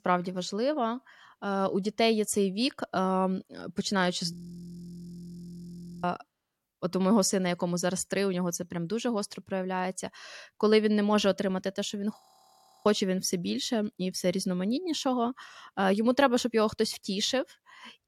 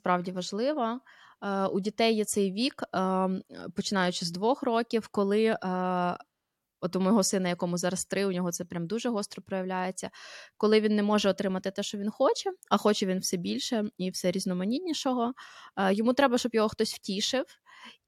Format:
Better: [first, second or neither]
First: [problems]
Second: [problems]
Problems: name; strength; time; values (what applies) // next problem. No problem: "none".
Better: second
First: audio freezing; at 4.5 s for 1.5 s and at 12 s for 0.5 s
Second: none